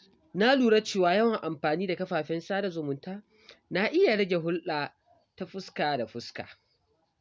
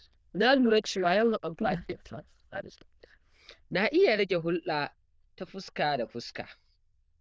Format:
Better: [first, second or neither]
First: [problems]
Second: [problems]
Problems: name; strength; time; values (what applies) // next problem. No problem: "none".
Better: first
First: none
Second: noise reduction (neural diffusion model UNIVERSE++)